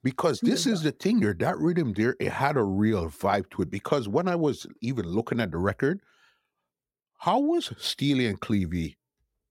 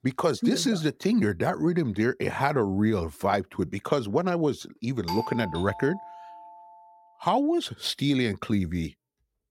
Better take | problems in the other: first | doorbell; noticeable; from 5 to 6.5 s; peak 7 dB below the speech

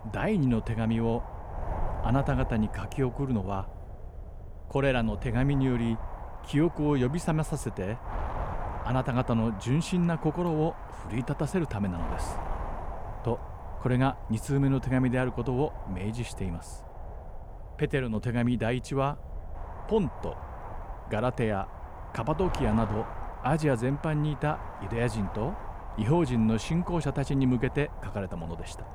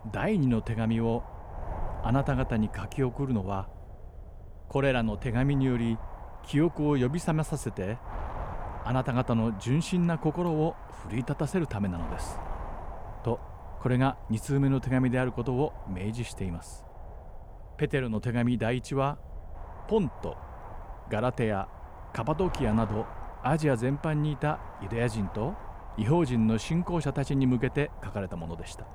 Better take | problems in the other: second | wind noise on the microphone; heavy; 9 dB below the speech; occasional gusts in the second

